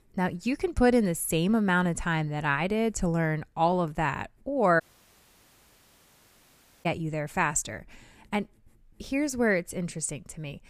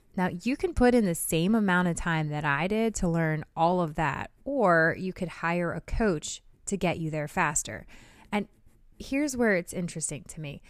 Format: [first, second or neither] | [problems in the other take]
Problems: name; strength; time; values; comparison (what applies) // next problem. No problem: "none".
second | audio cutting out; at 5 s for 2 s